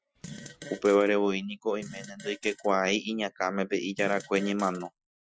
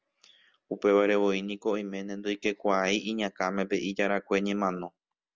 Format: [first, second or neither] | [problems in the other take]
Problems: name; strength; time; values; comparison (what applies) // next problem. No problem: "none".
second | noise reduction (classical method Wiener filter)